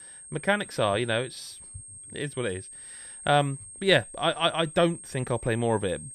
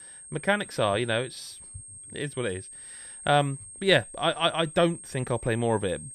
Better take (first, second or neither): neither